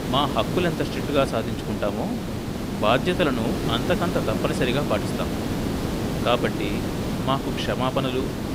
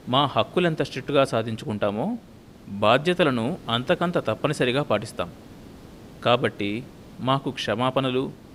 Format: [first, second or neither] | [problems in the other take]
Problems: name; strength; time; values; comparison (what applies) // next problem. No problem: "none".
second | hiss; loud; throughout; 2 dB below the speech; faint in the second